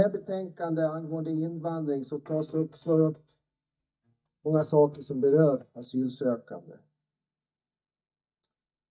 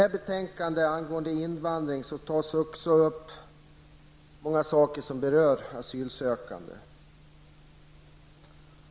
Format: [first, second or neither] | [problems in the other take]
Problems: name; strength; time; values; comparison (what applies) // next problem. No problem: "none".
second | noise reduction (neural mask model DeepFilterNet 3)